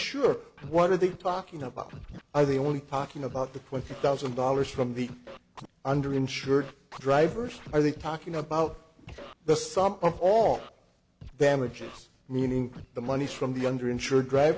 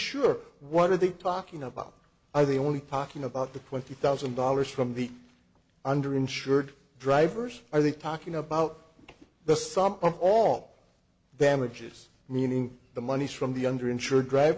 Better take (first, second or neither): second